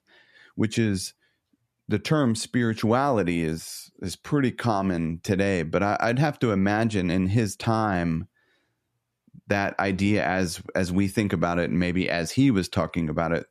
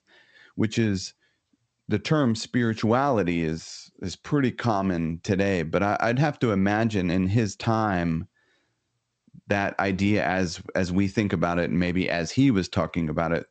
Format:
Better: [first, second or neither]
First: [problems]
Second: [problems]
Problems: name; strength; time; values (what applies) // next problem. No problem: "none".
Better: first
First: none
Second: garbled, watery; slightly; nothing above 8 kHz